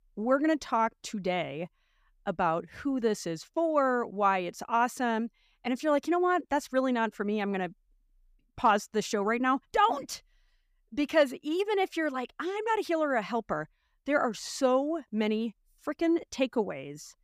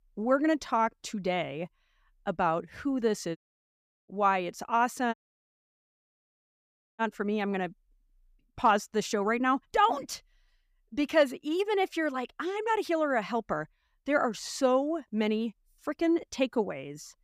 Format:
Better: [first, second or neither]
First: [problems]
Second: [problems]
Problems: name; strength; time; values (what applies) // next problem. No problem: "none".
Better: first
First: none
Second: audio cutting out; at 3.5 s for 0.5 s and at 5 s for 2 s